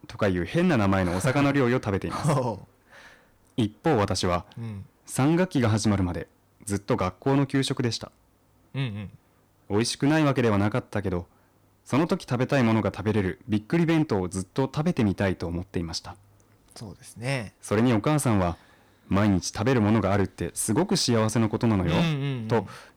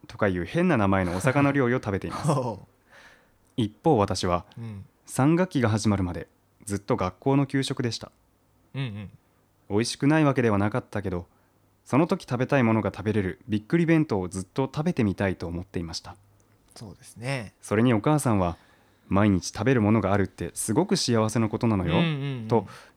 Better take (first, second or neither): second